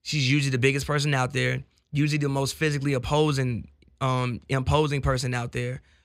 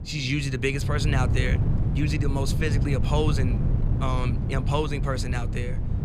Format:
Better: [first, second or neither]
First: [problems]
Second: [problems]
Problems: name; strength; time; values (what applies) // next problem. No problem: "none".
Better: first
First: none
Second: wind noise on the microphone; heavy; 8 dB below the speech